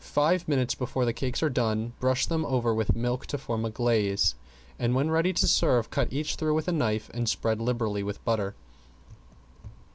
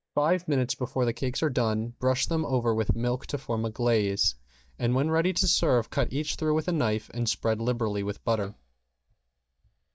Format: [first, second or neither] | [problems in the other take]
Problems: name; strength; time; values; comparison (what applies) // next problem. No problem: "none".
first | noise reduction (neural mask model DeepFilterNet 3)